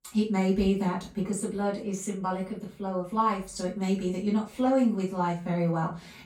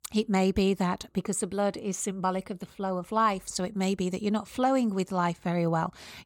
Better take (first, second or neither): second